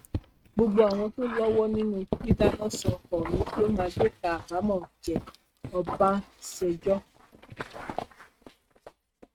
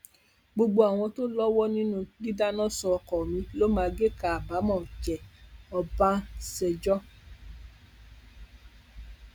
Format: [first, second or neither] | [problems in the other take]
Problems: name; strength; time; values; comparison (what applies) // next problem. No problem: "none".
second | noise reduction (neural mask model RNNoise)